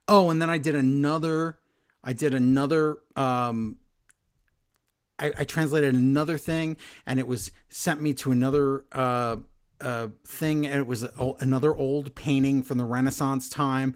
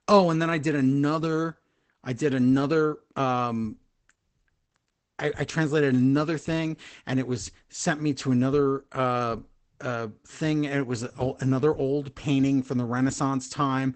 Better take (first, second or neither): first